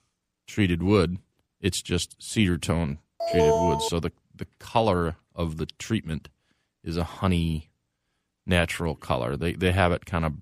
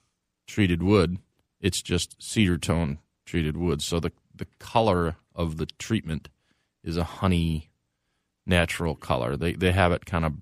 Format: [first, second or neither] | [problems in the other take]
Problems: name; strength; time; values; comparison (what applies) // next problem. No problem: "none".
second | alarm; loud; at 3 s; peak 5 dB above the speech